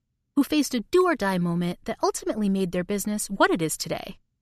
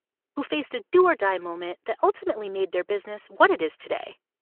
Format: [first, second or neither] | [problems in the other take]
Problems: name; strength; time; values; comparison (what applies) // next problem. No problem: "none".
first | phone-call audio